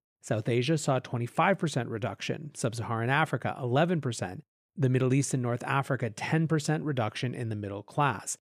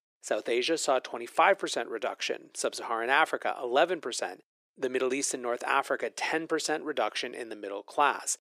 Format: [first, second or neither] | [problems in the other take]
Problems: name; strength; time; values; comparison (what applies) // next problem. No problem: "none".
first | thin; very; fading below 350 Hz